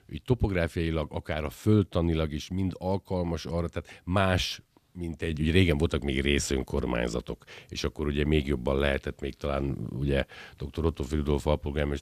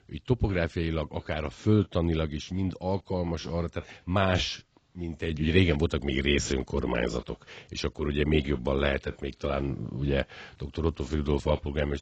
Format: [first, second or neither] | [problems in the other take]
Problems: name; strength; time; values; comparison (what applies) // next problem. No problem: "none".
first | garbled, watery; badly; nothing above 7.5 kHz